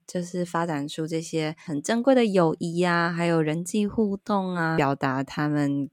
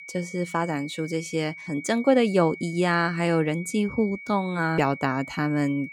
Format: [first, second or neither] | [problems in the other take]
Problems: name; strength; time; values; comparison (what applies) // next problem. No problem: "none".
first | high-pitched whine; noticeable; throughout; 2.5 kHz, 15 dB below the speech